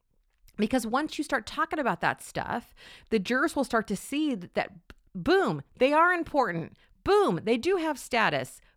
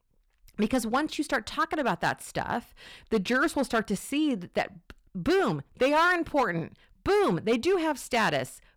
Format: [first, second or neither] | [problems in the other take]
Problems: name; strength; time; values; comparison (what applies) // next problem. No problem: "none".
first | distortion; slight; 5% of the sound clipped